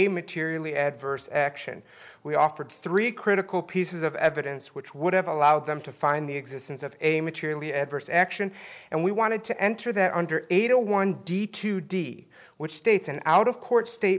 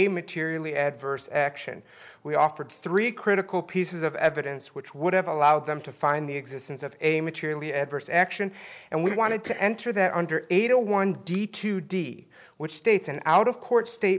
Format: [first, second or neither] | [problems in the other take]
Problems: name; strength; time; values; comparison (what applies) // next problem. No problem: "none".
first | noise reduction (neural mask model Resemble Enhance denoiser)